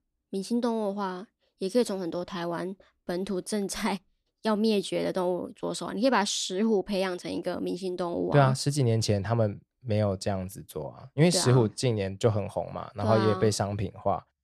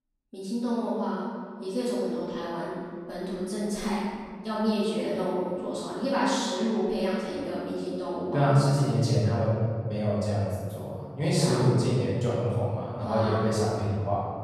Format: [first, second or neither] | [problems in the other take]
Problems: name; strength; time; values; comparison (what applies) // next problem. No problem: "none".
first | room echo; strong; dies away in 2 s // off-mic speech; far